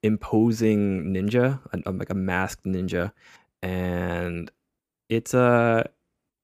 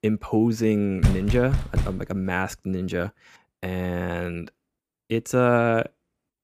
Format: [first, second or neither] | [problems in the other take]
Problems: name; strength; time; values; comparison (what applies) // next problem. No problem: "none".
first | door banging; loud; at 1 s; peak 1 dB above the speech